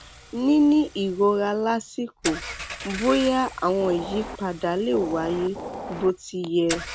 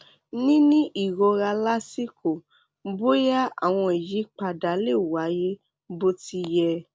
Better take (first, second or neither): second